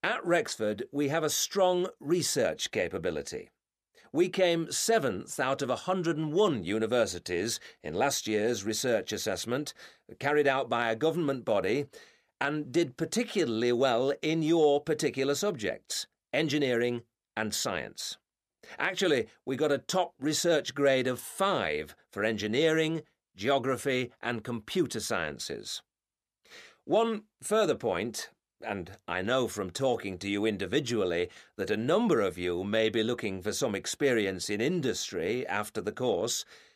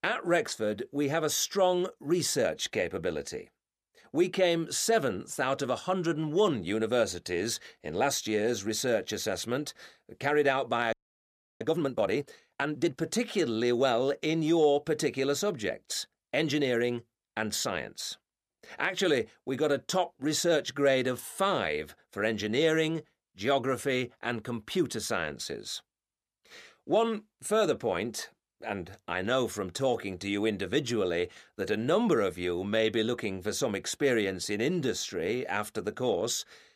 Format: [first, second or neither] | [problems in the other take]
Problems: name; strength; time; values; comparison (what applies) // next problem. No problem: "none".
first | audio freezing; at 11 s for 0.5 s